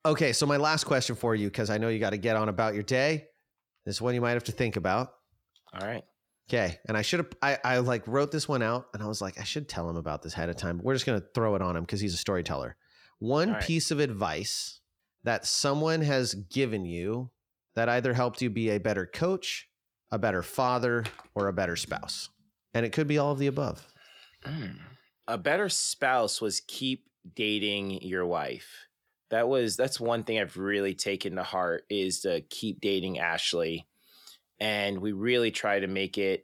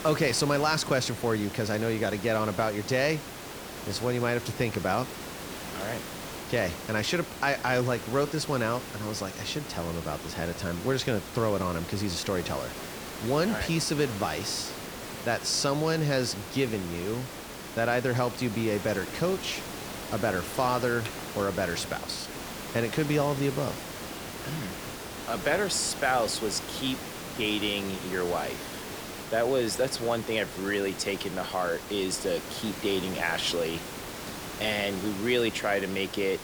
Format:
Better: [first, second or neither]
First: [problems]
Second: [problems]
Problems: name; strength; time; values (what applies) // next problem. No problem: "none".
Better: first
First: none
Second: hiss; loud; throughout; 9 dB below the speech